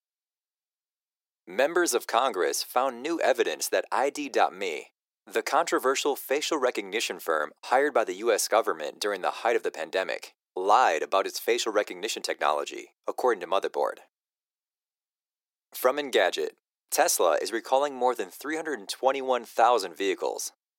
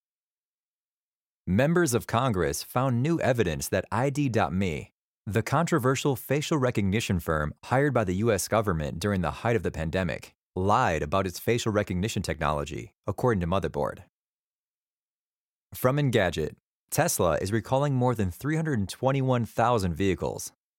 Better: second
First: thin; very; fading below 350 Hz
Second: none

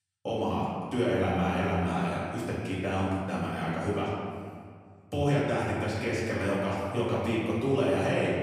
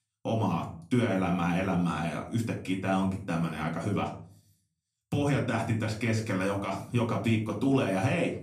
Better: second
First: room echo; strong; dies away in 1.8 s // off-mic speech; far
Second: room echo; slight; dies away in 0.4 s // off-mic speech; far

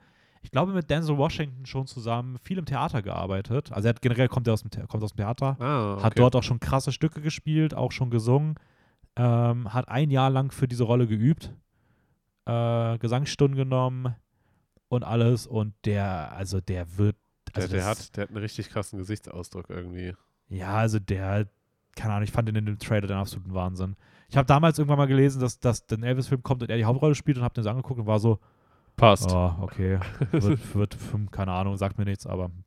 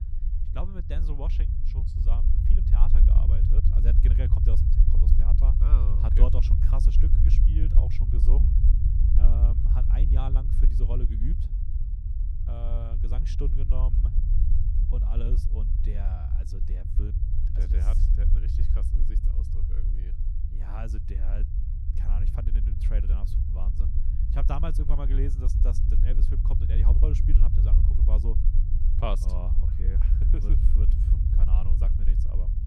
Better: first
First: none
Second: low rumble; loud; throughout; 2 dB below the speech

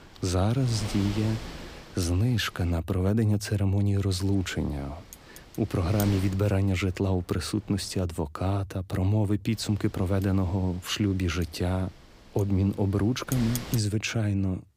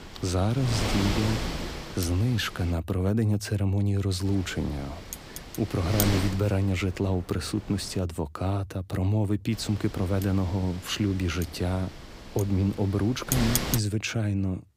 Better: first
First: wind noise on the microphone; occasional gusts; until 2.5 s, from 4.5 to 8 s and from 9.5 to 14 s; 10 dB below the speech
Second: wind noise on the microphone; heavy; until 2.5 s, from 4.5 to 8 s and from 9.5 to 14 s; 3 dB below the speech

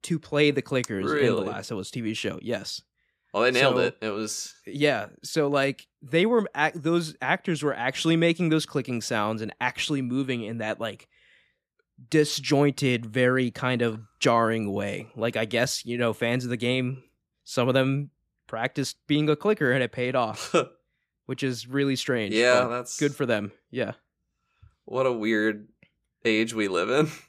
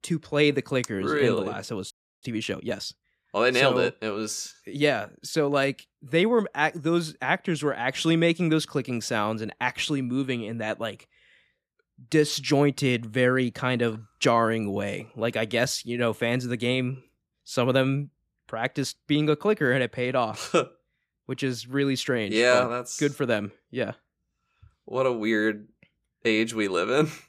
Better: first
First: none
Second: audio freezing; at 2 s

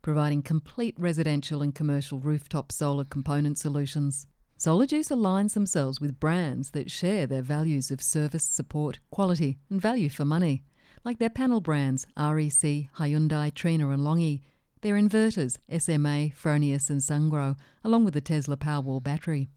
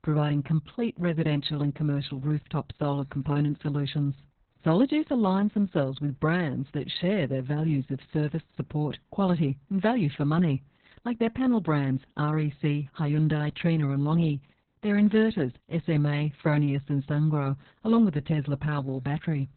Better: first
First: garbled, watery; slightly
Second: garbled, watery; badly; nothing above 4 kHz

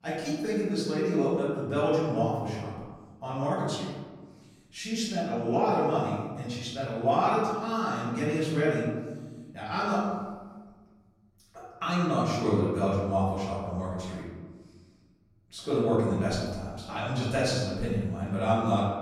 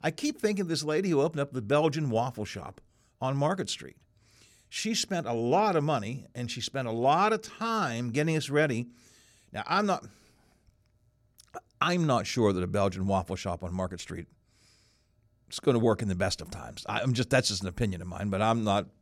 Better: second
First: room echo; noticeable; dies away in 1.4 s // off-mic speech; far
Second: none

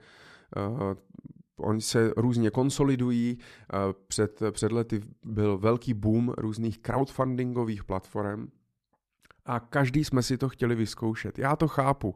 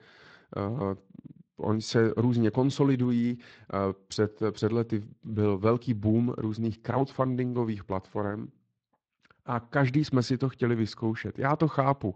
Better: first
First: none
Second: garbled, watery; slightly; nothing above 8 kHz

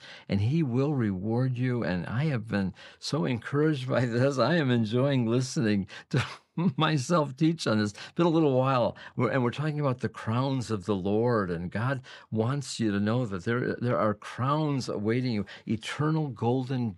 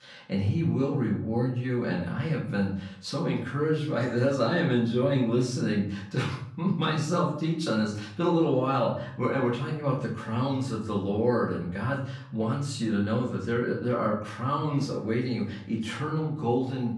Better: first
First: none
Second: off-mic speech; far // room echo; slight; dies away in 0.5 s

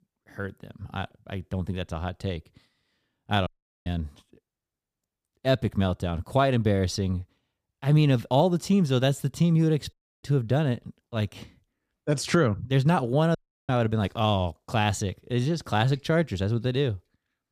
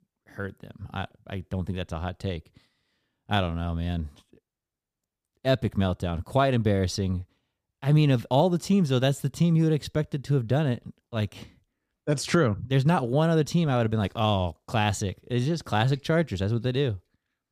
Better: second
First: audio cutting out; at 3.5 s, at 10 s and at 13 s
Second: none

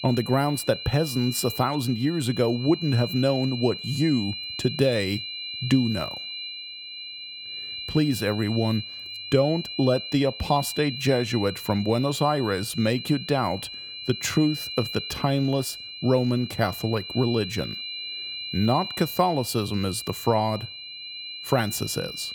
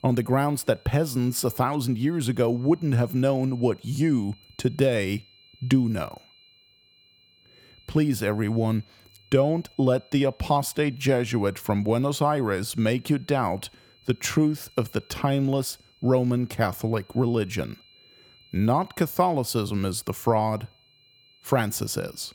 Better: second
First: high-pitched whine; loud; throughout; 4 kHz, 8 dB below the speech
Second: high-pitched whine; faint; throughout; 4 kHz, 30 dB below the speech

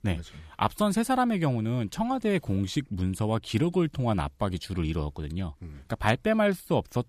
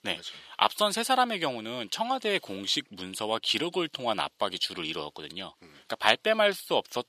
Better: first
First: none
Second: thin; somewhat; fading below 450 Hz

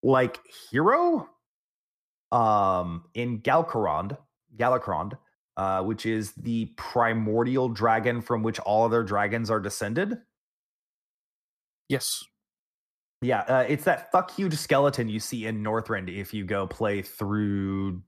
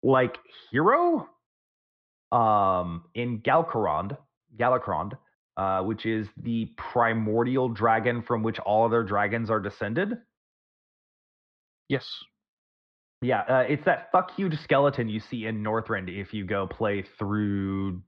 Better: first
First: none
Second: muffled; slightly; fading above 3.5 kHz

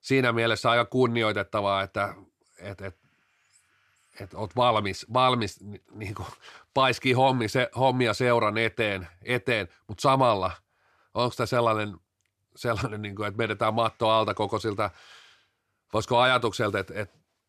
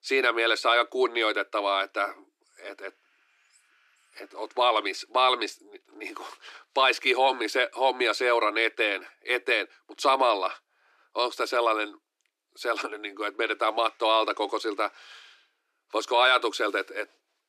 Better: first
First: none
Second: thin; very; fading below 300 Hz

